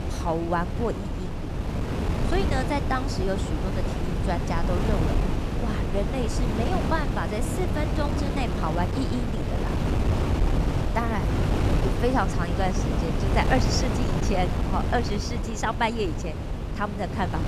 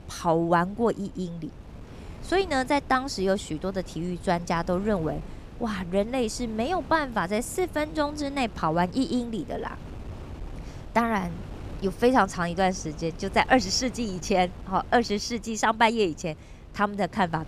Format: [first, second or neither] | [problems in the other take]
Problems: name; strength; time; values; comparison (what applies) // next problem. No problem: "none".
second | wind noise on the microphone; heavy; 3 dB below the speech; occasional gusts in the second